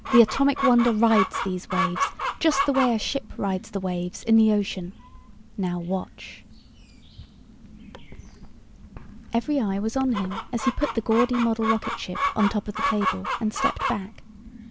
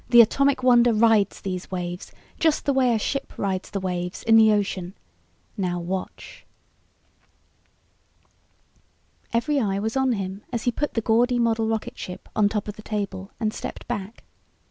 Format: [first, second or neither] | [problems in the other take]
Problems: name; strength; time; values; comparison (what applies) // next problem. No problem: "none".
second | background sound (Chicken, rooster); 6 dB below the speech